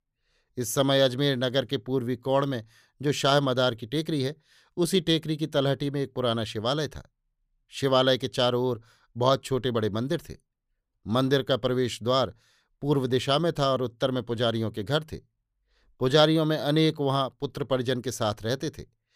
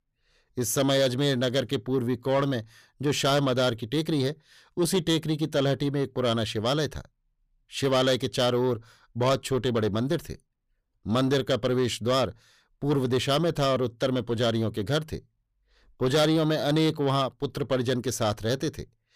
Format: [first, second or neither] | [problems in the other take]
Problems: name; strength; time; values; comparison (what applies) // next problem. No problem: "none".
first | distortion; slight; 10 dB below the speech